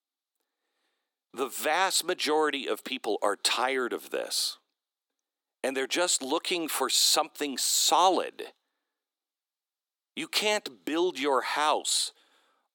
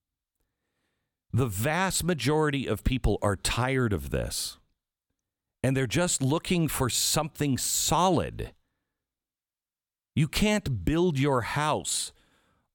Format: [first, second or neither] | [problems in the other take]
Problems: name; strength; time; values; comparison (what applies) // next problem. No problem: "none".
second | thin; very; fading below 300 Hz